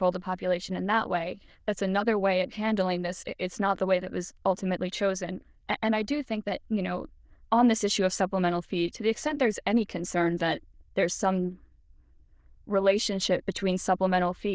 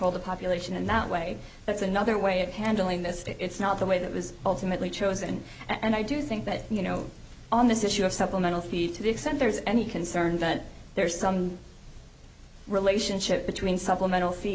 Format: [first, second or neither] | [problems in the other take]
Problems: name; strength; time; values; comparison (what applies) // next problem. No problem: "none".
second | noise reduction (neural diffusion model UNIVERSE++)